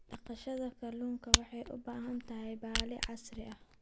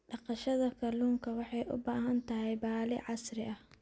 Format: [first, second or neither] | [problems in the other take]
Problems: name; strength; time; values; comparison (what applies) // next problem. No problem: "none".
second | background sound (Camera); 3 dB above the speech